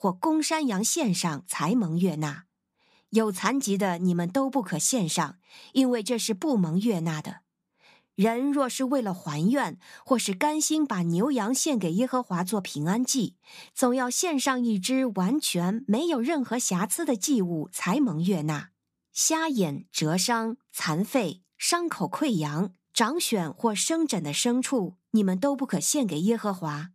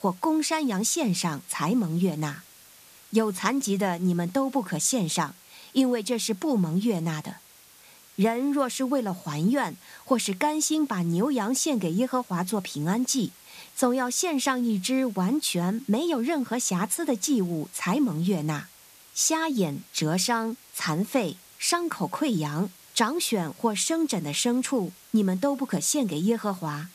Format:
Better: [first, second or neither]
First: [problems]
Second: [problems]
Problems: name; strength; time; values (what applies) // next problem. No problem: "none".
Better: first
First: none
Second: hiss; faint; throughout; 25 dB below the speech